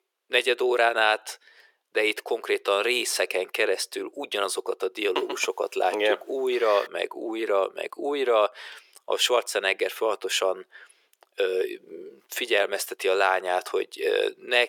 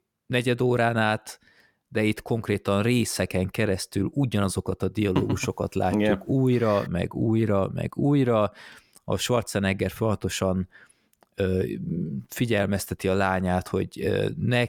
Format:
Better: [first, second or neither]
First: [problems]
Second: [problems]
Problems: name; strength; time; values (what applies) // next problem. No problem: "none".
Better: second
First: thin; very; fading below 400 Hz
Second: none